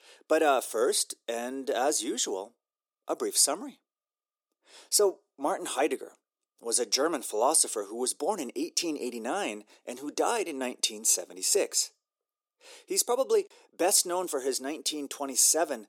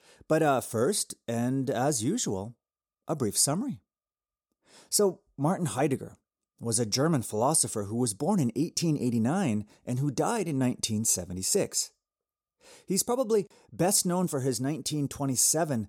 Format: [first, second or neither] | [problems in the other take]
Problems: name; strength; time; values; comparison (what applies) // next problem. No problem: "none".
second | thin; somewhat; fading below 350 Hz